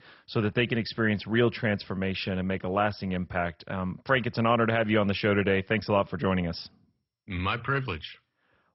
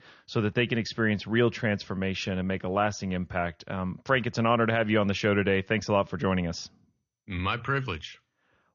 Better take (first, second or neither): second